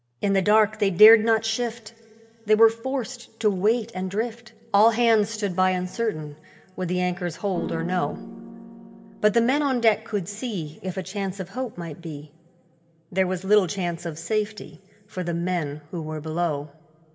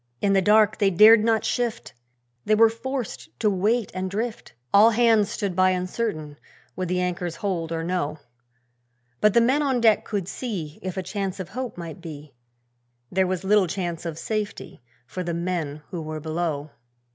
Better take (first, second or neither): second